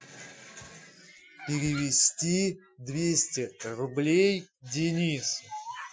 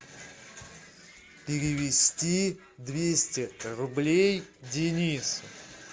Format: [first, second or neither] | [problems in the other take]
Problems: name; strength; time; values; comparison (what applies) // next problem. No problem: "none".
second | noise reduction (classical method Wiener filter)